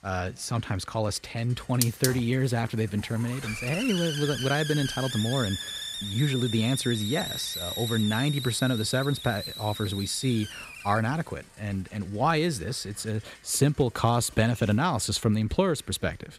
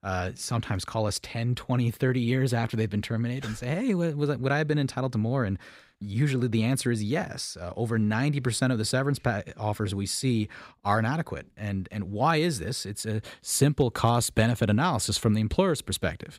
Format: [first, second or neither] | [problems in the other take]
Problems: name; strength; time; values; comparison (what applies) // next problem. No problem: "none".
second | hiss; loud; throughout; 6 dB below the speech